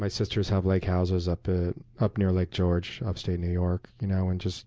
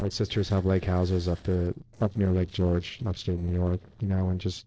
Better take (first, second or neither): first